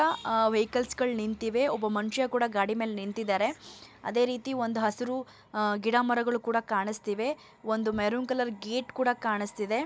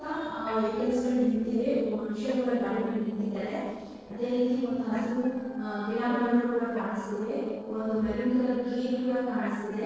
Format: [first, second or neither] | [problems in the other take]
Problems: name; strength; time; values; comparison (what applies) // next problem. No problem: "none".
first | noise reduction (neural separator model SepFormer DNS4)